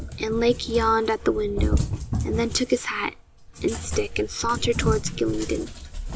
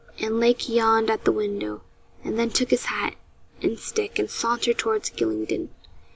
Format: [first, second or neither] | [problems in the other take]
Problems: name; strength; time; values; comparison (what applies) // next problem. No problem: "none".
second | background sound (Cat); 4 dB below the speech